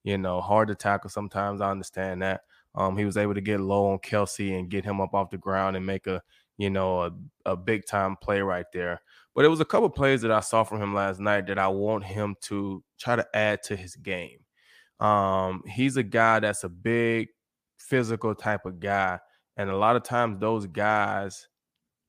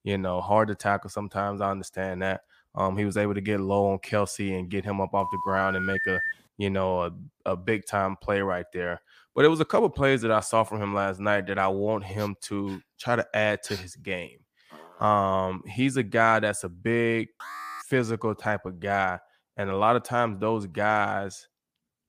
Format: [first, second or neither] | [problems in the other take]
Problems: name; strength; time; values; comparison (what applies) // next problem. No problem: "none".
first | phone ringing; loud; from 5 to 6.5 s; peak level with the speech // dog barking; faint; from 12 to 15 s; peak 15 dB below the speech // alarm; faint; at 17 s; peak 10 dB below the speech